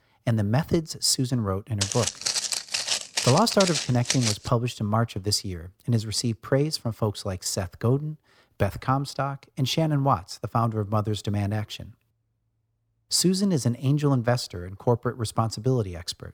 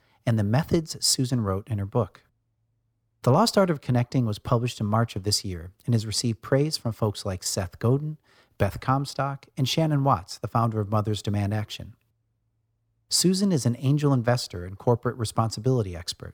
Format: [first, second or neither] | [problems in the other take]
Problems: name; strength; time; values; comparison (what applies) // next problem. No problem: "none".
second | footsteps; loud; from 2 to 4.5 s; peak 1 dB above the speech